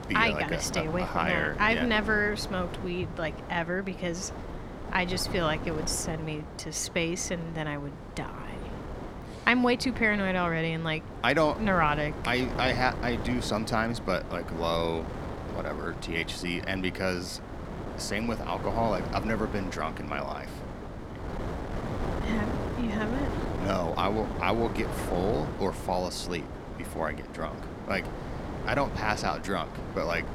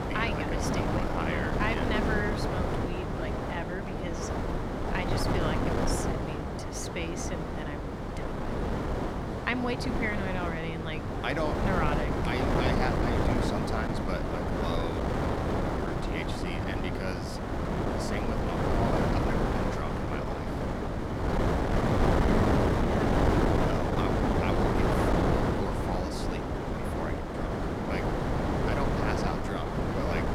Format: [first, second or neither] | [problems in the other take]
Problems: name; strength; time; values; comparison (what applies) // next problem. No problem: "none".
first | wind noise on the microphone; heavy; 4 dB above the speech; occasional gusts in the first